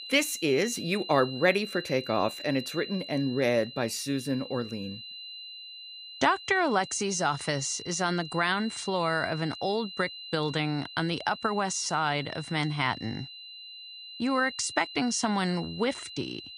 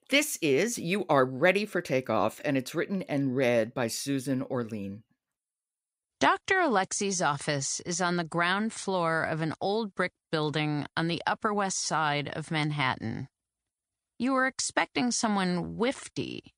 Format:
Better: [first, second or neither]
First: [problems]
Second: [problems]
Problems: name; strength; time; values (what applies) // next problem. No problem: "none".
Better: second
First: high-pitched whine; noticeable; throughout; 4 kHz, 10 dB below the speech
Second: none